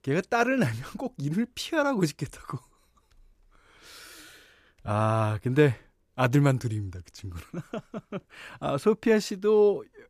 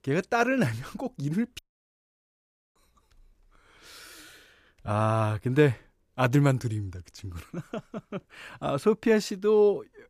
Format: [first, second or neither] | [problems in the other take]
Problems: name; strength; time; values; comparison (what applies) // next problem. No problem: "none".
first | audio cutting out; at 1.5 s for 1 s